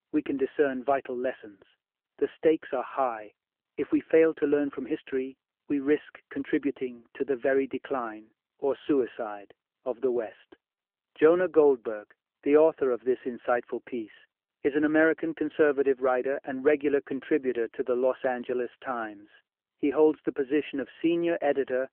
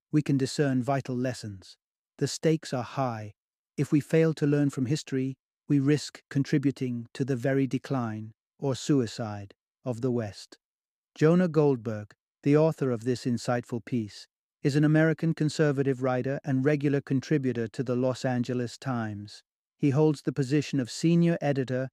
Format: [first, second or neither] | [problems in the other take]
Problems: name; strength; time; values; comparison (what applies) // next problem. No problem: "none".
second | phone-call audio